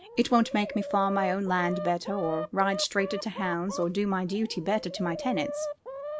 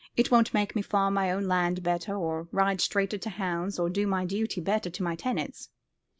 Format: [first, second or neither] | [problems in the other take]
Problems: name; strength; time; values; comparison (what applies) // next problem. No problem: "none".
second | background sound (Chicken, rooster); 9 dB below the speech